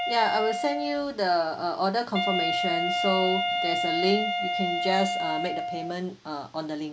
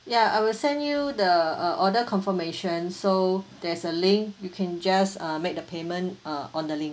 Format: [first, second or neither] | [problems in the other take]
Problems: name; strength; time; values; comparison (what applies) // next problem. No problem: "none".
second | background sound (Wind instrument, woodwind instrument); 1 dB below the speech